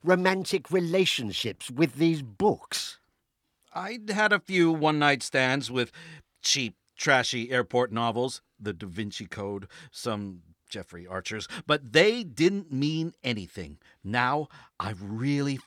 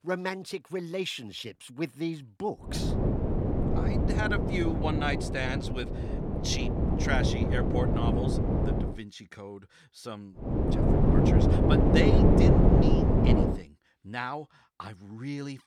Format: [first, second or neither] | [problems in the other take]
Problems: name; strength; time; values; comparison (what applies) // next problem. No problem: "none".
first | wind noise on the microphone; heavy; from 2.5 to 9 s and from 10 to 14 s; 3 dB above the speech